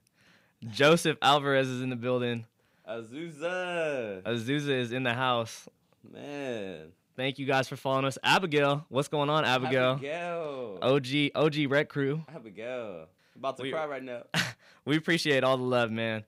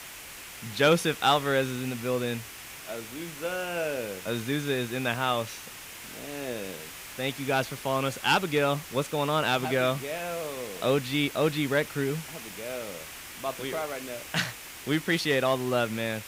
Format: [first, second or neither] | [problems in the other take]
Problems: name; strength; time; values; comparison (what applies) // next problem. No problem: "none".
first | hiss; noticeable; throughout; 10 dB below the speech